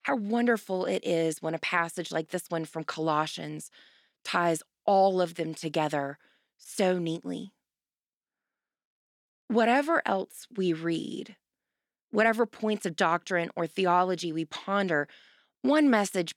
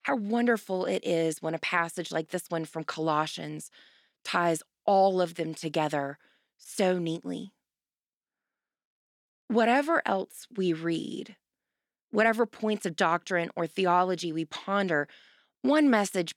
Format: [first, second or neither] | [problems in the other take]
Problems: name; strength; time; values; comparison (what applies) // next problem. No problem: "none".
neither | none